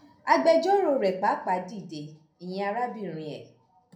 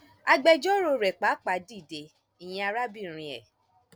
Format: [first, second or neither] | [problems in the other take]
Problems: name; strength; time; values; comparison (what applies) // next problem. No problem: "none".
second | room echo; dies away in 0.6 s